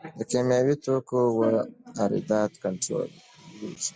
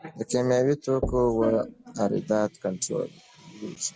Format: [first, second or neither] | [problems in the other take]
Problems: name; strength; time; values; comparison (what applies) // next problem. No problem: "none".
first | background sound (Knock / Wood); 12 dB below the speech